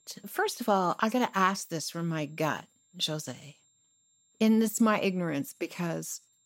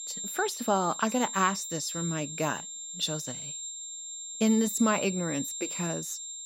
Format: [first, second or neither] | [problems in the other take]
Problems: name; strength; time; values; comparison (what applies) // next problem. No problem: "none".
first | high-pitched whine; loud; throughout; 7.5 kHz, 5 dB below the speech; faint in the first